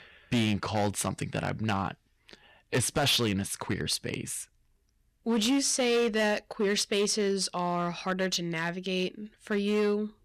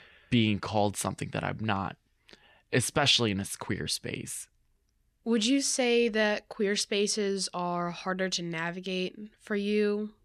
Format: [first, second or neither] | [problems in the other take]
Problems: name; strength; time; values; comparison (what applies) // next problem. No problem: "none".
second | distortion; slight; 7% of the sound clipped